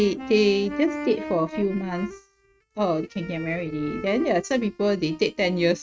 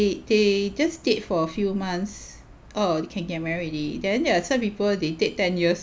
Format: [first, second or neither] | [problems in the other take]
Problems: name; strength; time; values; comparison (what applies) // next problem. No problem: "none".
second | noise reduction (neural mask model RNNoise)